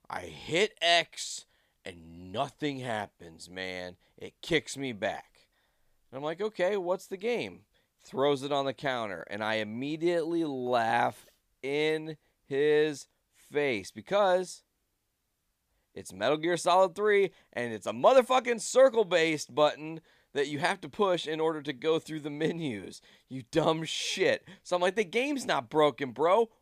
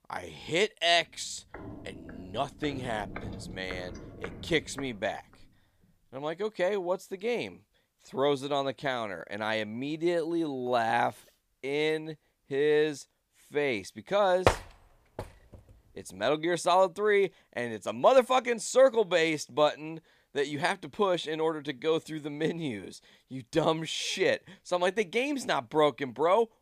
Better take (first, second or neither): first